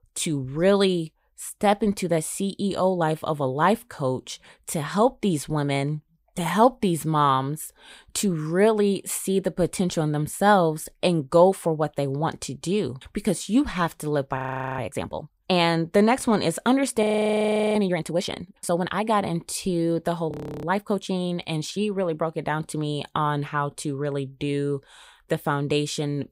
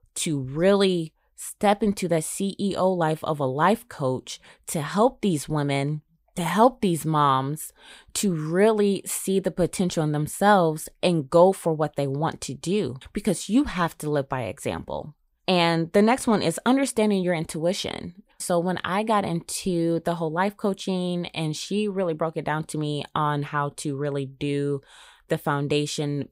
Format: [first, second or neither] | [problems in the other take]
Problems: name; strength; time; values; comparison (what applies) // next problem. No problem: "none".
second | audio freezing; at 14 s, at 17 s for 0.5 s and at 20 s